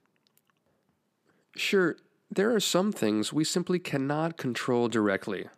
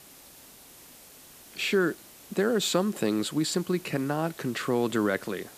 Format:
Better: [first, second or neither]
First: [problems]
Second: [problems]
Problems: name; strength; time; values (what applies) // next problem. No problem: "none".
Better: first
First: none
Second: hiss; noticeable; throughout; 20 dB below the speech